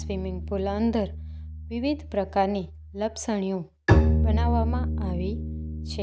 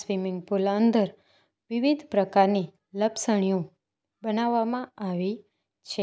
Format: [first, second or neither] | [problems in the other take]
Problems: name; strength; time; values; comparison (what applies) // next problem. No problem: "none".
second | background sound (Bowed string instrument); 3 dB above the speech